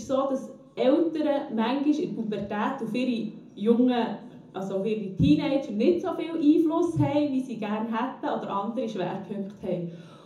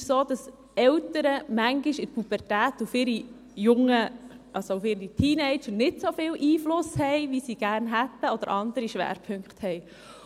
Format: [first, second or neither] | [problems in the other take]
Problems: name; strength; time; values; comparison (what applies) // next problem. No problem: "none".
second | room echo; dies away in 0.6 s